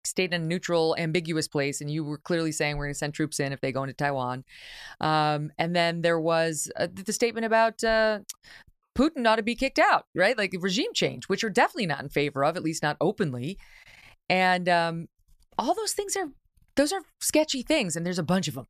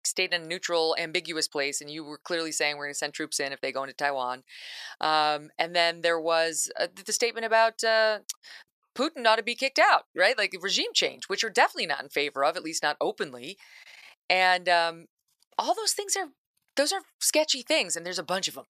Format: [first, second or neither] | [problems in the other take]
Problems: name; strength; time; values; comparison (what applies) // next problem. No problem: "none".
first | thin; somewhat; fading below 500 Hz